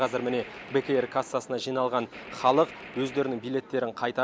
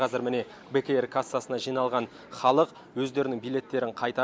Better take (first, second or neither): second